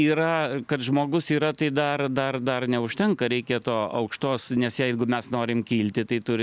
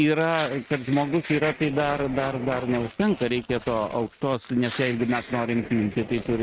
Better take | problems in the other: first | noise reduction (neural mask model RNNoise)

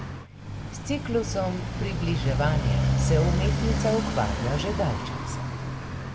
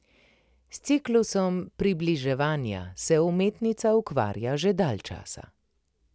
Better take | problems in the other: second | background sound (Motorcycle); 2 dB above the speech // room echo; dies away in 1.1 s

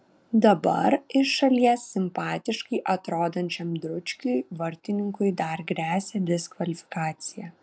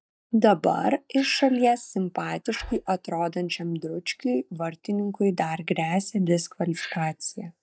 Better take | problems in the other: first | noise reduction (neural mask model DeepFilterNet 3)

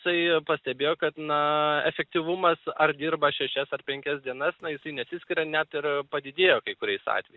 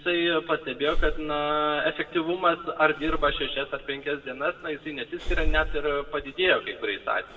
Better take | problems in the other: first | background sound (Breathing); 6 dB below the speech // room echo; dies away in 1.1 s

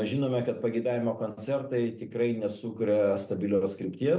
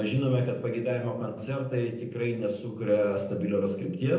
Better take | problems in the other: first | room echo; dies away in 0.7 s

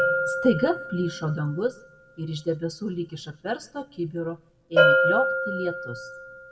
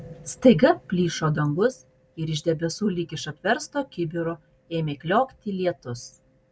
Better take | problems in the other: second | background sound (Bell); 2 dB above the speech // room echo; dies away in 0.5 s

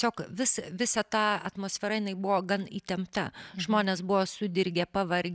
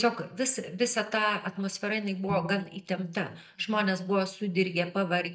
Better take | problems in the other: first | noise reduction (neural mask model DeepFilterNet 3)

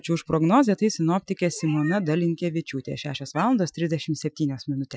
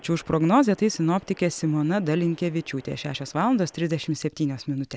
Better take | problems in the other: second | noise reduction (classical method Wiener filter)

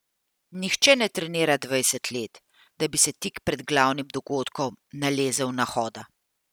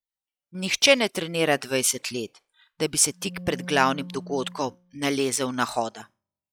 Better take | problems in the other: first | noise reduction (classical method log-MMSE)

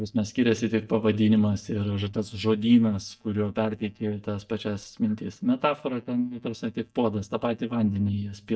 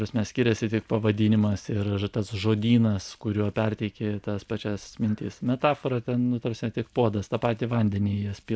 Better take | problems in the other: second | noise reduction (neural mask model DeepFilterNet 3)

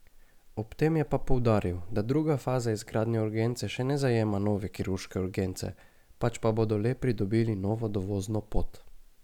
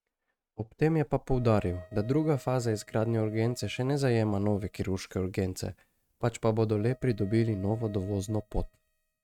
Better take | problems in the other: first | noise reduction (neural mask model RNNoise)

